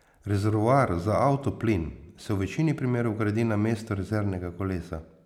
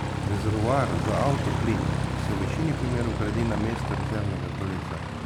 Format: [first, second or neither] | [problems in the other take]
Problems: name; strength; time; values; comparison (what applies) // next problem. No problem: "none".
first | background sound (Aircraft); 1 dB above the speech